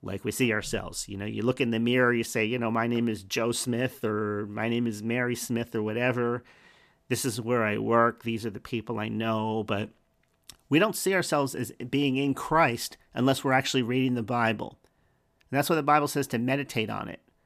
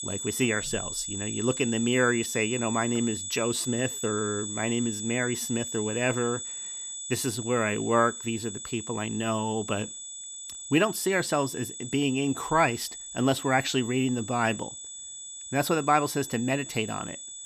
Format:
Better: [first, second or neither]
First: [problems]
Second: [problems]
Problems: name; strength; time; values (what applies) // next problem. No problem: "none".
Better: first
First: none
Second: high-pitched whine; loud; throughout; 8 kHz, 7 dB below the speech